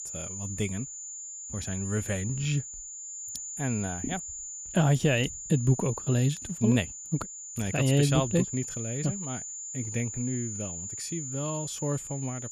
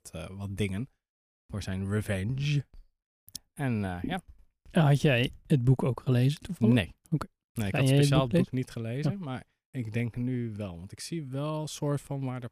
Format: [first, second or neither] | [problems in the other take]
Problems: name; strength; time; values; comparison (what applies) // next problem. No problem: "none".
second | high-pitched whine; loud; throughout; 7 kHz, 7 dB below the speech